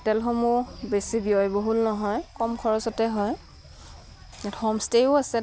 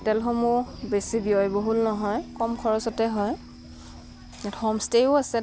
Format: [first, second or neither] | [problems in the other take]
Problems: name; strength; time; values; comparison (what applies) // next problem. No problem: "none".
first | background sound (Guitar); 18 dB below the speech